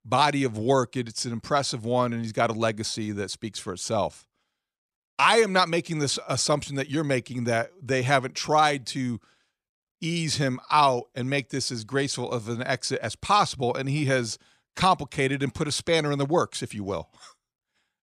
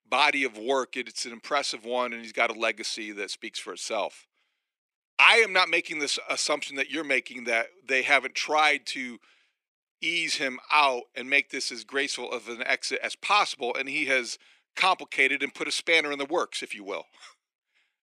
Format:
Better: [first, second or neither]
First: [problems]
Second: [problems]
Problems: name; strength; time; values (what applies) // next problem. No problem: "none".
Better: first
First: none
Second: thin; somewhat; fading below 300 Hz